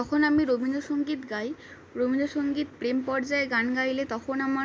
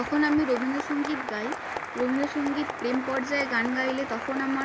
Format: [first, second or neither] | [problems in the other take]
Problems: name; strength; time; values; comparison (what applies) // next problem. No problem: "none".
first | background sound (Applause); 6 dB below the speech